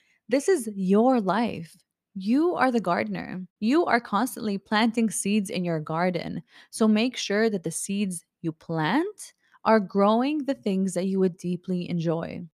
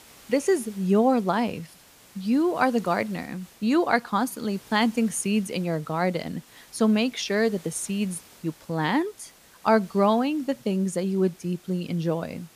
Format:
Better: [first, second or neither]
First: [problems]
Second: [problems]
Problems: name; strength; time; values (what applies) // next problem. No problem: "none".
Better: first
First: none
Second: hiss; faint; throughout; 25 dB below the speech